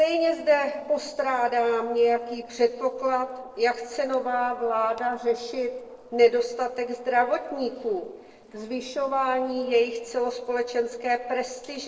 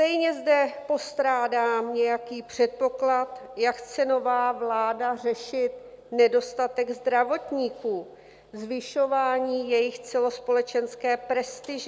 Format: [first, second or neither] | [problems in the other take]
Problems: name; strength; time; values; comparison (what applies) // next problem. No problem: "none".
second | noise reduction (neural separator model SepFormer DNS4)